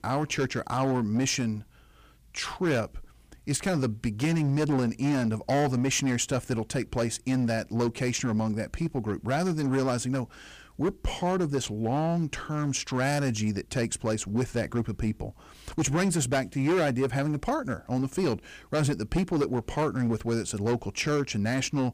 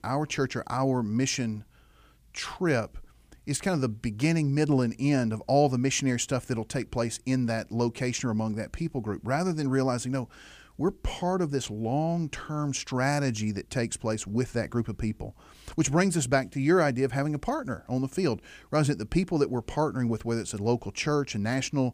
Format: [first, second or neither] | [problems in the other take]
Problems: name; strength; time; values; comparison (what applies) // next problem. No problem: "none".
second | distortion; slight; 9% of the sound clipped